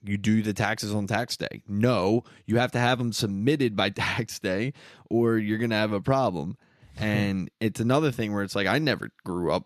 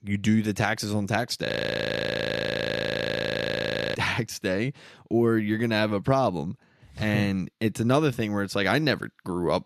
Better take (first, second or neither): first